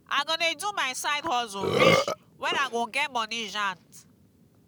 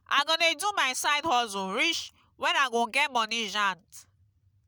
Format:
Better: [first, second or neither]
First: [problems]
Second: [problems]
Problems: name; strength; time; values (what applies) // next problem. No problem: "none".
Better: second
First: background sound (Burping, eructation); 1 dB below the speech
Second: none